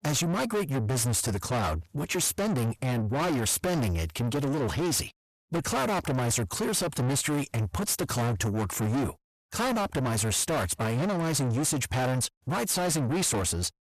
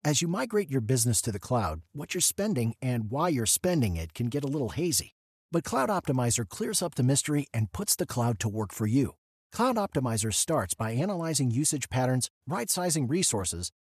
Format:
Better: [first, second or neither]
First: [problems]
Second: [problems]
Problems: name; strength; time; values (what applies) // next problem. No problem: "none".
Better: second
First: distortion; heavy; 6 dB below the speech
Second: none